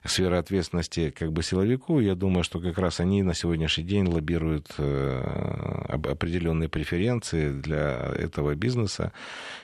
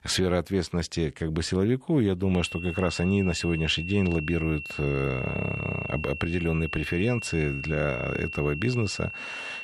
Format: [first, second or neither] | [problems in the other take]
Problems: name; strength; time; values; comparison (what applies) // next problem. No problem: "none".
first | high-pitched whine; loud; from 2.5 s on; 2.5 kHz, 7 dB below the speech